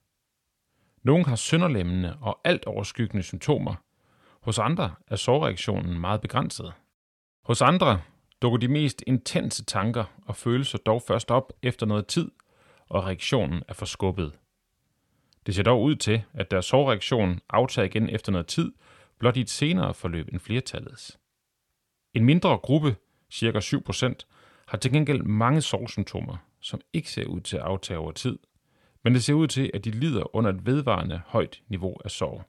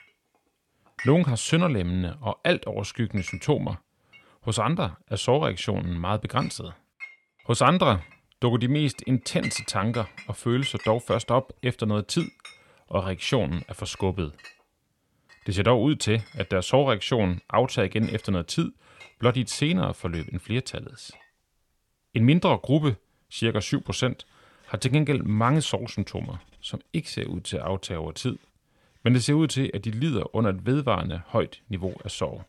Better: first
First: none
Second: household noises; noticeable; throughout; 20 dB below the speech

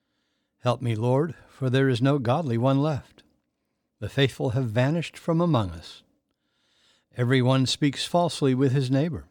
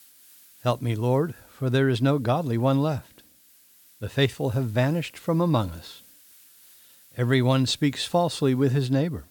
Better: first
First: none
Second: hiss; faint; throughout; 25 dB below the speech

